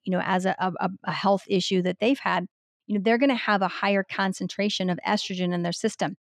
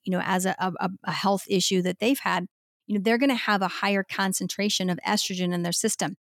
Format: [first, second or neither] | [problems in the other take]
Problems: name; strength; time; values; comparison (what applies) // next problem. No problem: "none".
second | muffled; slightly; fading above 4 kHz